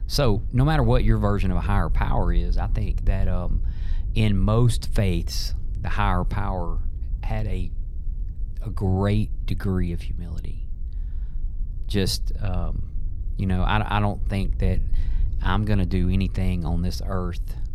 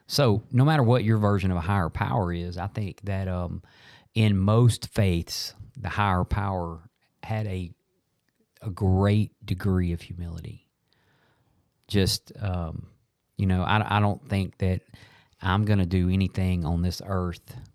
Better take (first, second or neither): second